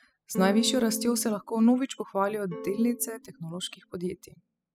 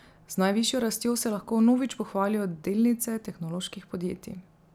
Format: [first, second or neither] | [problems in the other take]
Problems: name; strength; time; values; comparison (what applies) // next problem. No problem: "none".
second | noise reduction (classical method spectral subtraction)